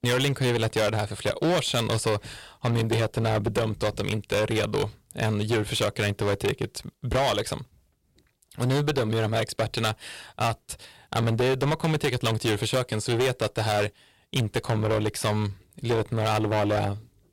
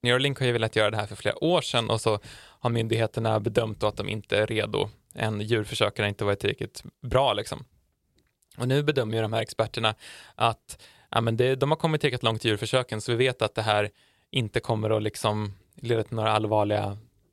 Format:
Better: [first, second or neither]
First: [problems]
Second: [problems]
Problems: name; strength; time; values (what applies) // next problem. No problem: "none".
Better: second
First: distortion; heavy; 14% of the sound clipped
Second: none